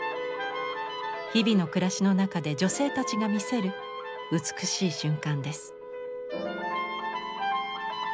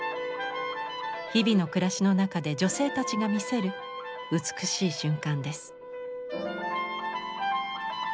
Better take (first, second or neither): second